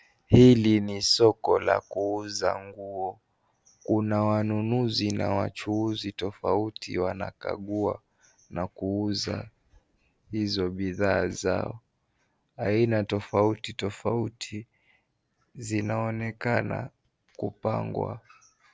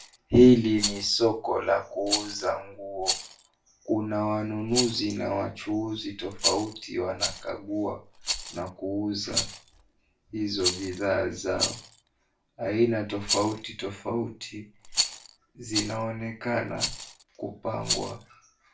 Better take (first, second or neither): first